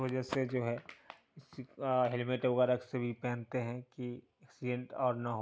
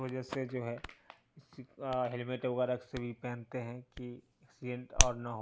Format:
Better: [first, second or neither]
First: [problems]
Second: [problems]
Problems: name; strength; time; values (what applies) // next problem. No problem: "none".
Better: first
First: none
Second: background sound (Hands); 1 dB below the speech